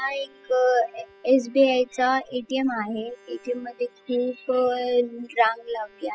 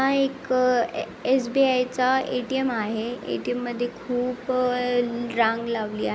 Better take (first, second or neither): second